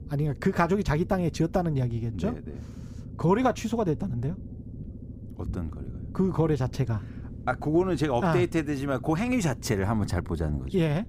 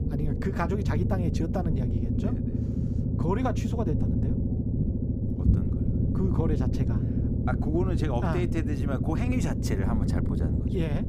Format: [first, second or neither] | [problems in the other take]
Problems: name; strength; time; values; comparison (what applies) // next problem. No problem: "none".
first | low rumble; loud; throughout; 2 dB below the speech; faint in the first